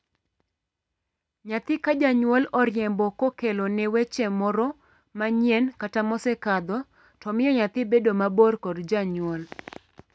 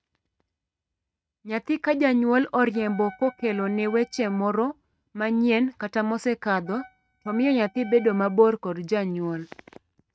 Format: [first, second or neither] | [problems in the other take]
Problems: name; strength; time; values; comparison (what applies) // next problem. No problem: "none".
first | noise reduction (neural mask model RNNoise)